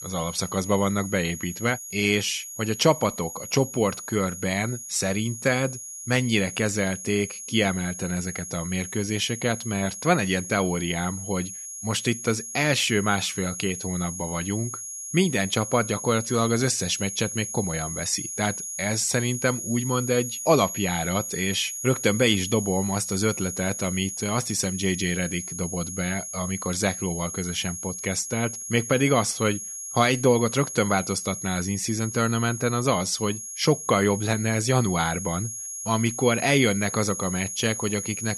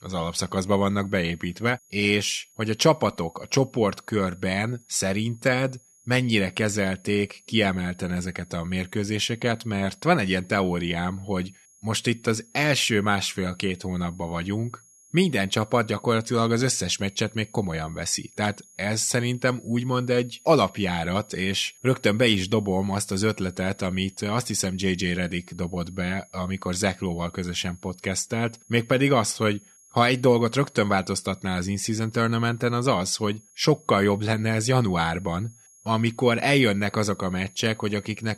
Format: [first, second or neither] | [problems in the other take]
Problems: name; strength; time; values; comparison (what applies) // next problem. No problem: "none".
second | high-pitched whine; loud; throughout; 6.5 kHz, 7 dB below the speech; faint in the second